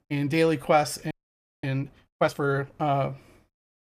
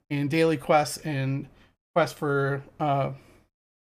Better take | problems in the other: second | audio freezing; at 1 s for 0.5 s

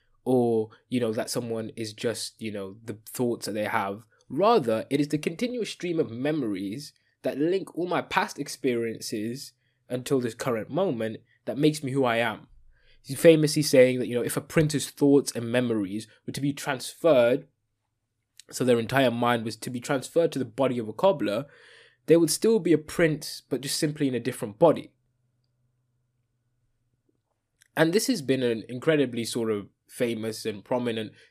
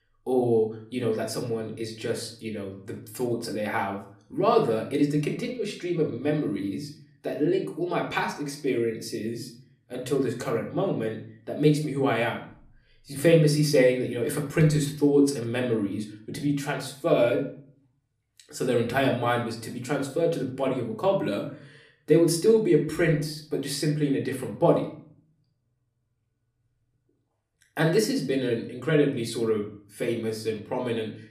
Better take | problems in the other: first | room echo; slight; dies away in 0.5 s // off-mic speech; somewhat distant

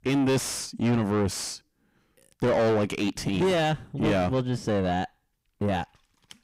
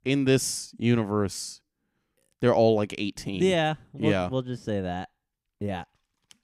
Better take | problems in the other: second | distortion; heavy; 6 dB below the speech

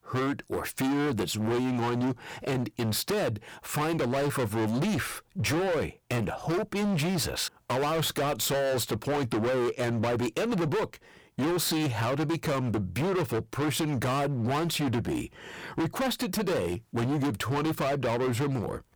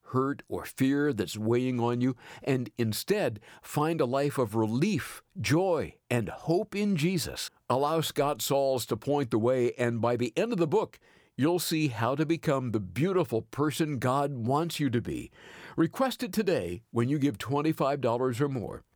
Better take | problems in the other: second | distortion; heavy; 31% of the sound clipped

